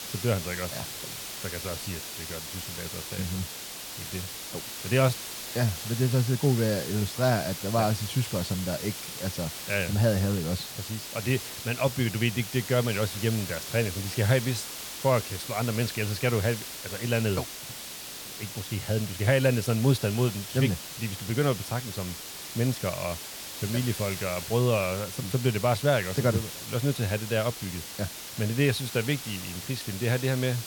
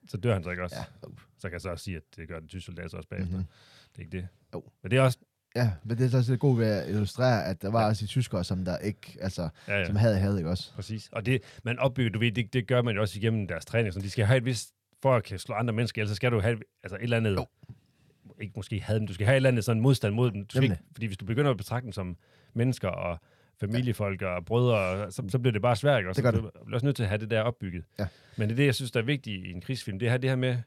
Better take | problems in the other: second | hiss; loud; throughout; 8 dB below the speech

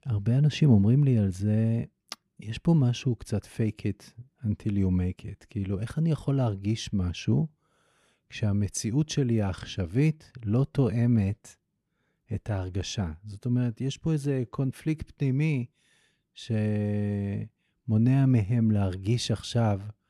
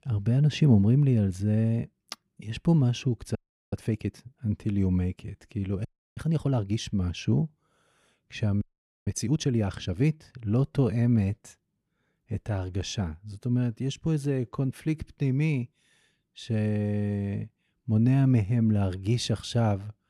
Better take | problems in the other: first | audio freezing; at 3.5 s, at 6 s and at 8.5 s

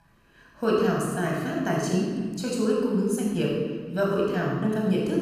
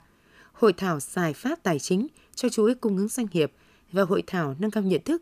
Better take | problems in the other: second | off-mic speech; far // room echo; strong; dies away in 1.6 s

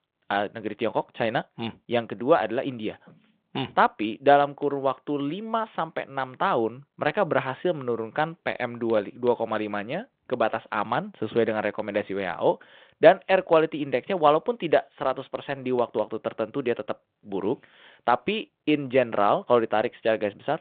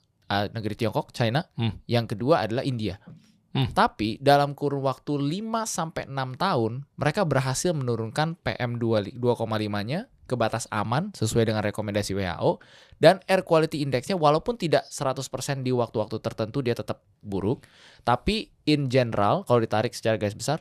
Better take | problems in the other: second | phone-call audio; nothing above 4 kHz

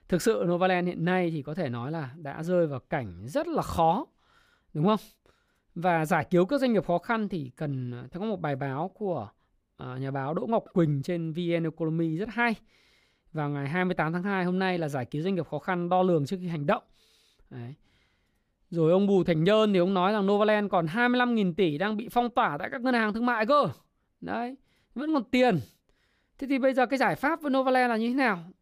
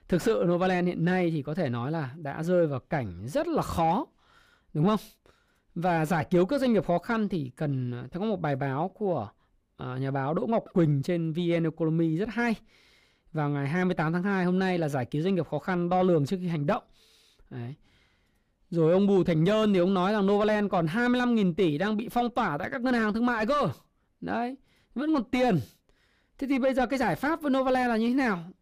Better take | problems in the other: first | distortion; slight; 10 dB below the speech

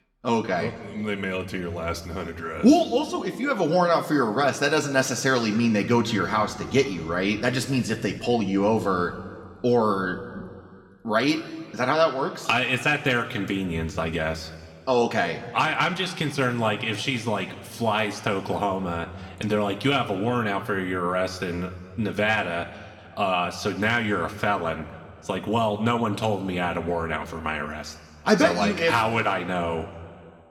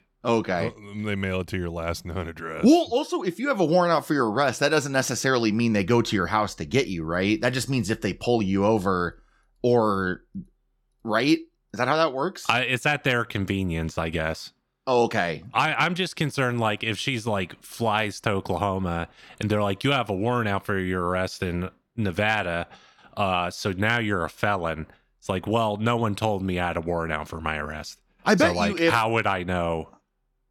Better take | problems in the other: second | room echo; slight; dies away in 1.5 s

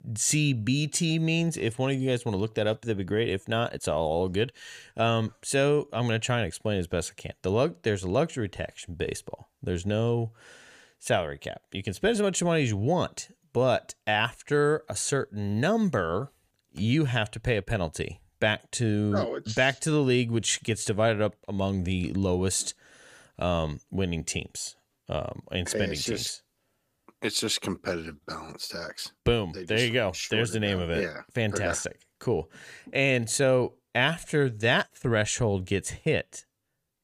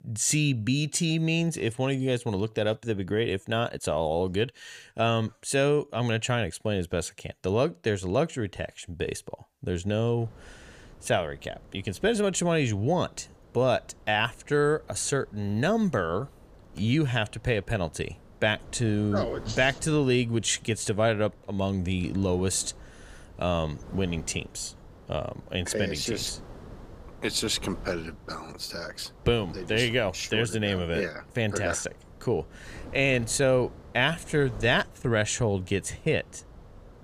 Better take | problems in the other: first | wind noise on the microphone; occasional gusts; from 10 s on; 25 dB below the speech

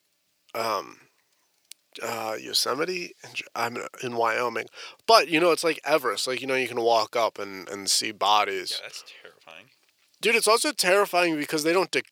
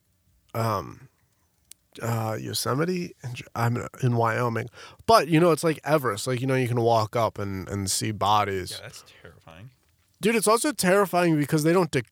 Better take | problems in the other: second | thin; somewhat; fading below 400 Hz

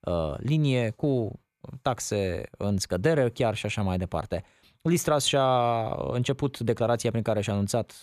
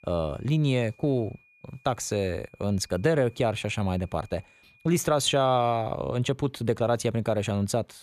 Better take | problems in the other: first | high-pitched whine; faint; until 6 s; 2.5 kHz, 30 dB below the speech

